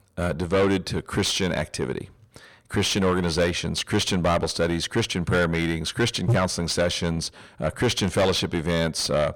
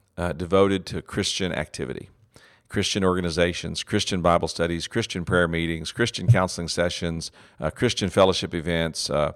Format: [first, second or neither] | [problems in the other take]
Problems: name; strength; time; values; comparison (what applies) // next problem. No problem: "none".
second | distortion; heavy; 6 dB below the speech